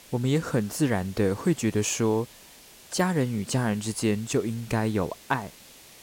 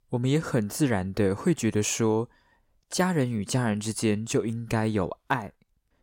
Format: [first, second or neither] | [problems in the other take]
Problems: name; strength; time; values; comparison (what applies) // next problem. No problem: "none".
second | hiss; faint; throughout; 20 dB below the speech